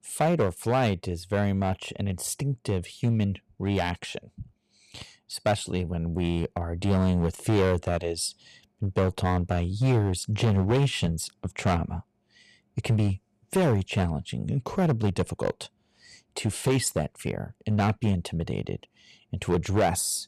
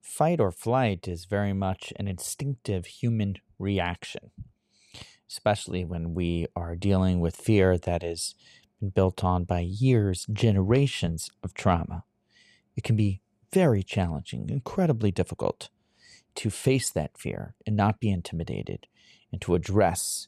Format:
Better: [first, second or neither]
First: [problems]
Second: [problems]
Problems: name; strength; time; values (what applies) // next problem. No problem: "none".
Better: second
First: distortion; slight; 6% of the sound clipped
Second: none